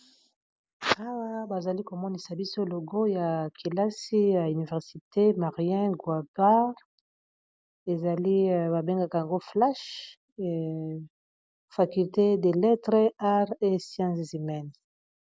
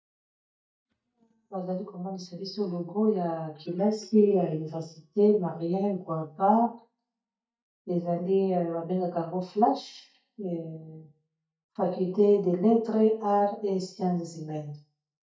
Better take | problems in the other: first | noise reduction (neural mask model DeepFilterNet 3)

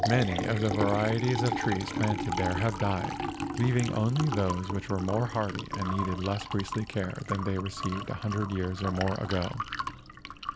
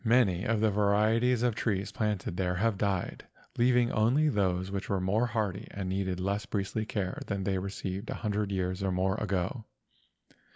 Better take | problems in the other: second | background sound (Liquid); 5 dB below the speech

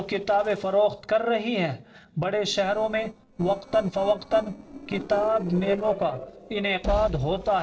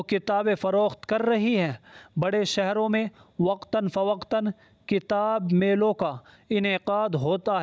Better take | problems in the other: second | noise reduction (neural separator model SepFormer DNS4)

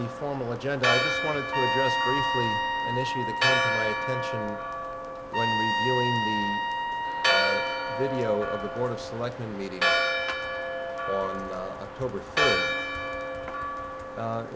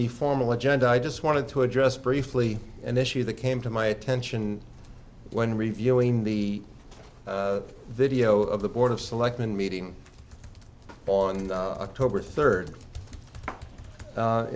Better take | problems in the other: second | background sound (Church bell + Trumpet); 4 dB above the speech

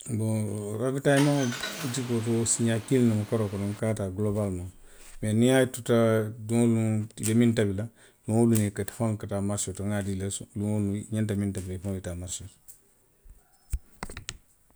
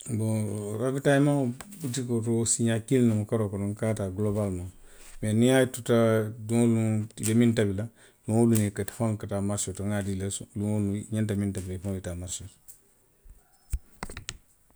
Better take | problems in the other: second | background sound (Car); 13 dB below the speech

